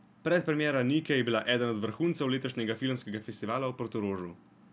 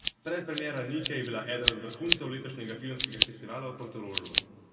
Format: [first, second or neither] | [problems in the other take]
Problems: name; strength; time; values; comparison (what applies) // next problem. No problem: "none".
first | background sound (Scissors); 2 dB above the speech // room echo; dies away in 2.1 s